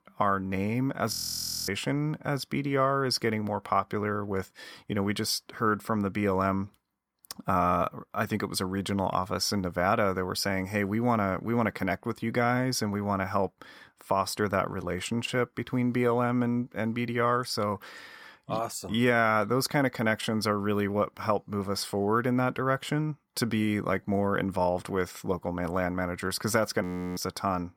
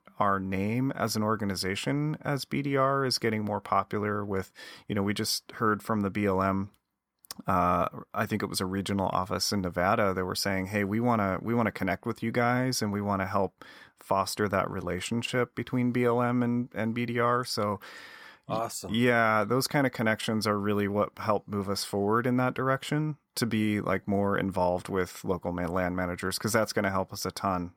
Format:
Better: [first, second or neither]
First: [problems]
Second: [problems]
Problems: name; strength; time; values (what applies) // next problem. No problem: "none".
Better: second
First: audio freezing; at 1 s for 0.5 s and at 27 s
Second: none